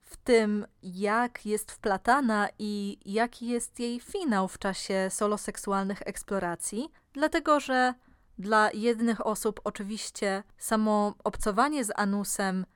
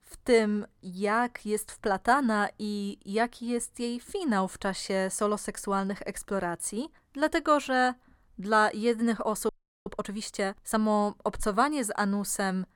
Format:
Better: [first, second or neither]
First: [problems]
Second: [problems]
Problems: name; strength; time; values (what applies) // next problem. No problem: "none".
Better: first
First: none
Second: audio freezing; at 9.5 s